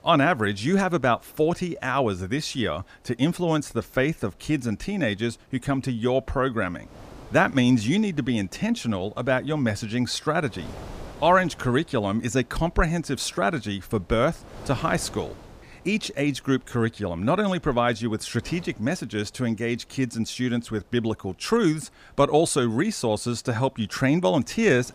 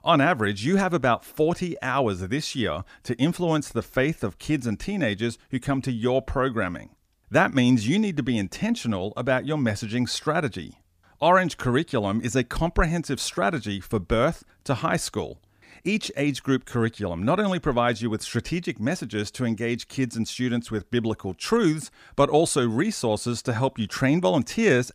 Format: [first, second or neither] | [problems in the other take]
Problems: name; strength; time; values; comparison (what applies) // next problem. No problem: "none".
second | wind noise on the microphone; occasional gusts; 25 dB below the speech